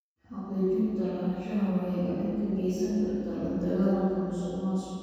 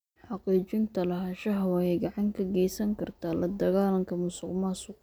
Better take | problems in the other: second | room echo; dies away in 2.1 s

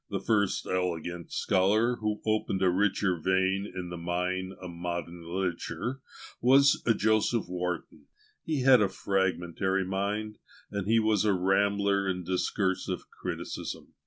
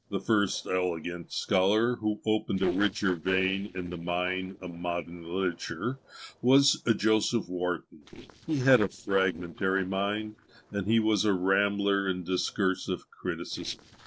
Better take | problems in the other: first | noise reduction (neural separator model SepFormer DNS4)

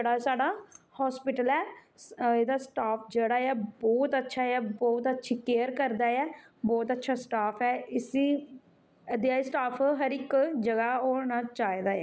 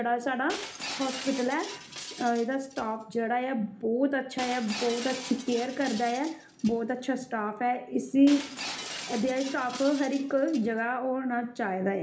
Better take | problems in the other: first | background sound (Shatter); 13 dB below the speech // room echo; dies away in 0.4 s

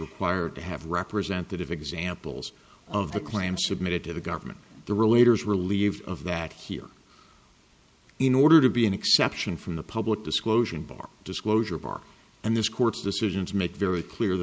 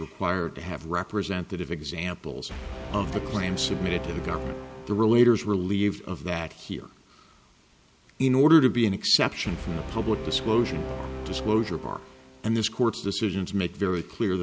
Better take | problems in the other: first | background sound (Brass instrument); 12 dB below the speech

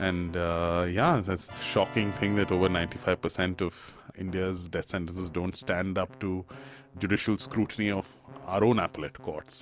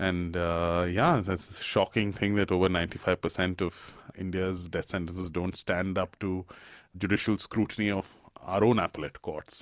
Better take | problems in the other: second | background sound (Keyboard (musical)); 17 dB below the speech

